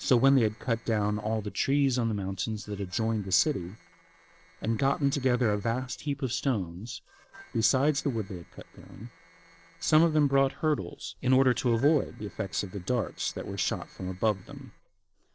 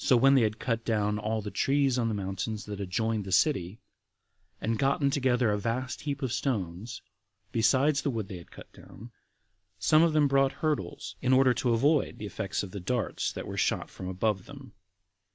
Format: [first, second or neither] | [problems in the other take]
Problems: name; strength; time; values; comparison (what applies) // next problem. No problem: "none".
second | noise reduction (neural separator model SepFormer DNS4)